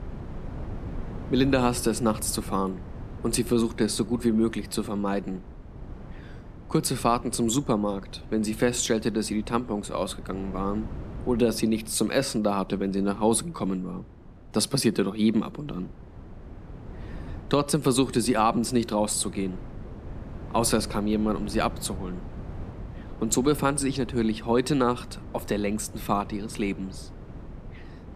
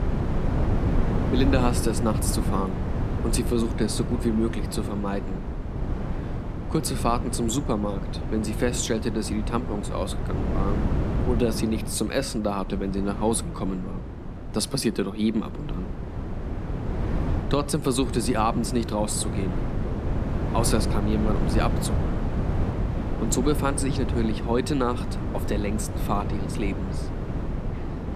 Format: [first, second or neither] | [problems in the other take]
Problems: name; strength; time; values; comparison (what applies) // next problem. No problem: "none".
first | wind noise on the microphone; heavy; 7 dB below the speech; occasional gusts in the first